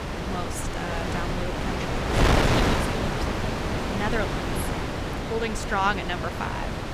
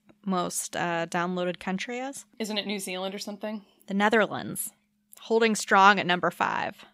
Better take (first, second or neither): second